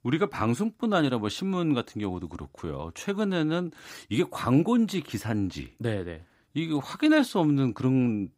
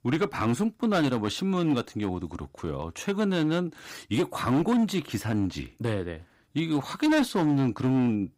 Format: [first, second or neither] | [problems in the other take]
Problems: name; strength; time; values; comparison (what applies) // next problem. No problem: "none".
first | distortion; slight; 8% of the sound clipped